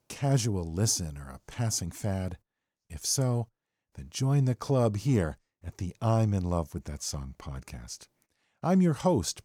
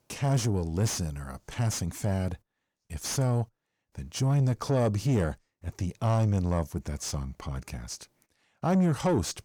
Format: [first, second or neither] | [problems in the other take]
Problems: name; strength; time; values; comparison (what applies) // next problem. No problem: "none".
first | distortion; slight; 10 dB below the speech